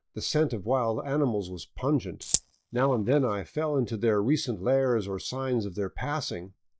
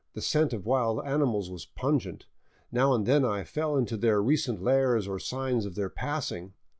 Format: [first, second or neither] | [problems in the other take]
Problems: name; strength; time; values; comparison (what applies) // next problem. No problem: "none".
second | noise reduction (neural mask model DeepFilterNet 3)